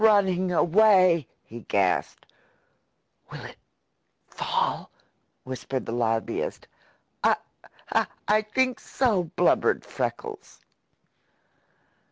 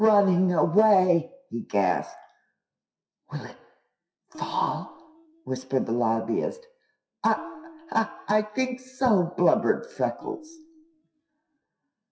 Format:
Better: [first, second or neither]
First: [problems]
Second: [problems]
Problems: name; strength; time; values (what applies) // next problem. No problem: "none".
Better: first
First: none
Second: noise reduction (classical method WPE with log-MMSE)